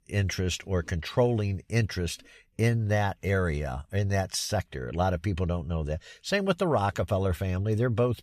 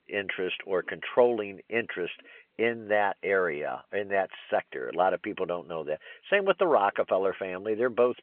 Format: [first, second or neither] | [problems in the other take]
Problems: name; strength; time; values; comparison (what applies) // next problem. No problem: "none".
first | phone-call audio